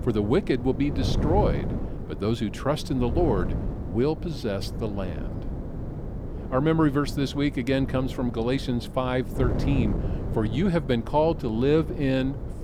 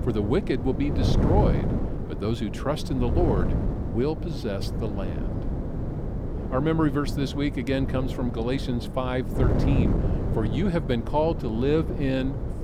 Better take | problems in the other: first | wind noise on the microphone; heavy; 6 dB below the speech; occasional gusts in the first

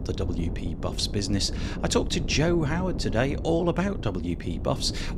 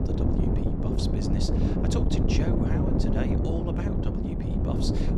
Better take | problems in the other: first | wind noise on the microphone; heavy; 5 dB above the speech; occasional gusts in the first

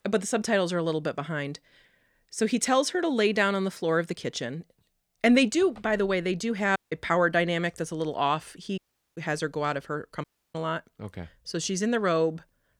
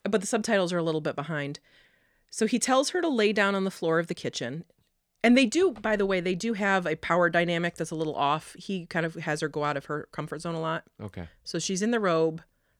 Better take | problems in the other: second | audio cutting out; at 7 s, at 9 s and at 10 s

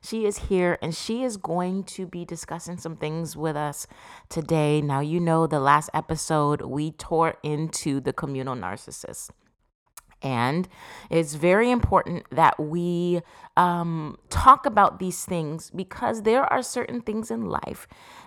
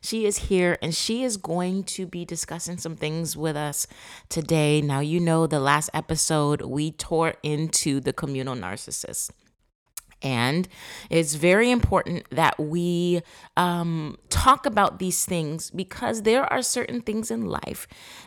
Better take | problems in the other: second | muffled; slightly; fading above 2 kHz

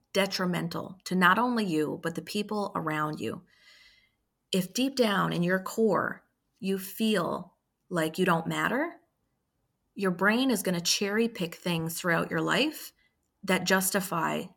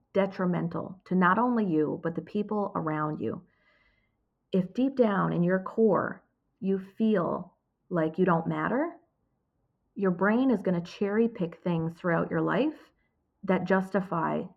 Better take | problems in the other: first | muffled; very; fading above 3.5 kHz

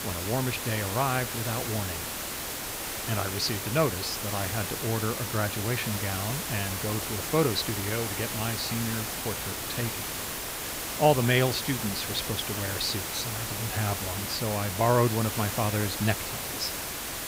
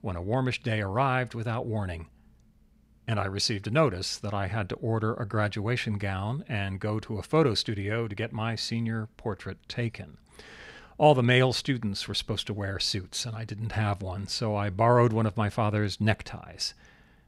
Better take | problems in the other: second | hiss; loud; throughout; 2 dB below the speech

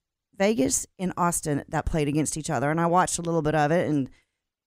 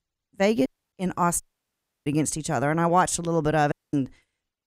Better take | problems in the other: first | audio cutting out; at 0.5 s, at 1.5 s for 0.5 s and at 3.5 s

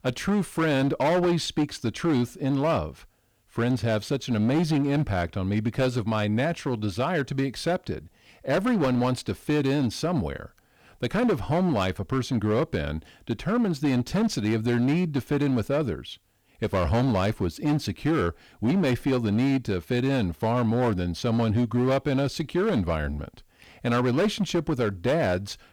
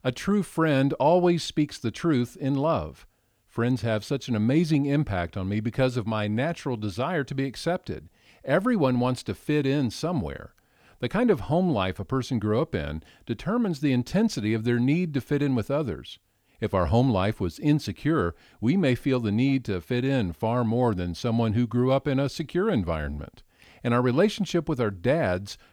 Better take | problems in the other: second | distortion; slight; 12% of the sound clipped

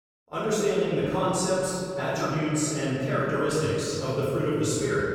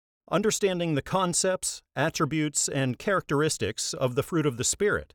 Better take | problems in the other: second | off-mic speech; far // room echo; strong; dies away in 2.8 s

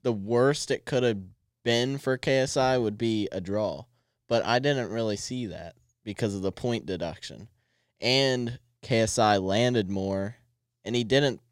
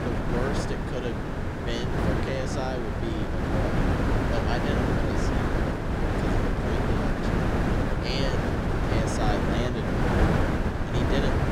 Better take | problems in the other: first | wind noise on the microphone; heavy; 5 dB above the speech

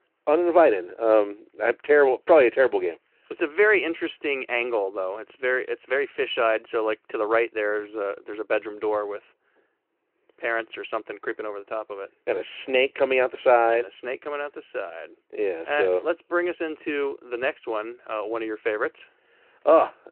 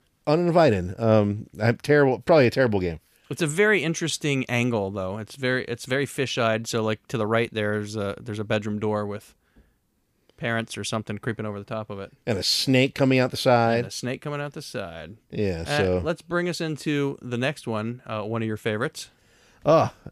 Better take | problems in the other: second | phone-call audio

